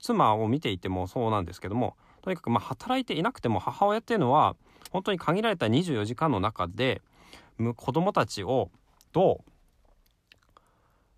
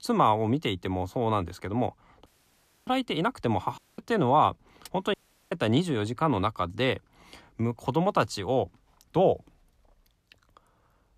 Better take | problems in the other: first | audio cutting out; at 2.5 s for 0.5 s, at 4 s and at 5 s

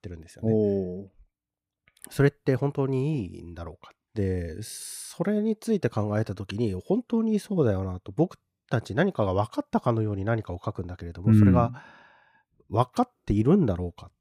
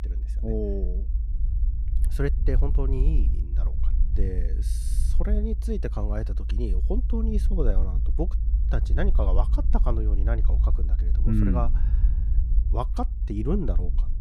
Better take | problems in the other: first | low rumble; noticeable; throughout; 10 dB below the speech

